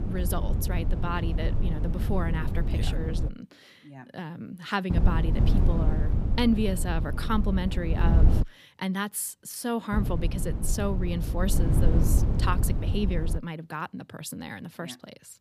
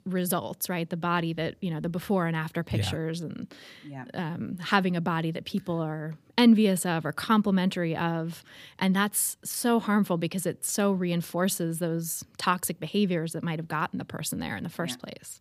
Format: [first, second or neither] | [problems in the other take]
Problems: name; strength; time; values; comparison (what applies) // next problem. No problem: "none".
second | wind noise on the microphone; heavy; until 3.5 s, from 5 to 8.5 s and from 10 to 13 s; 6 dB below the speech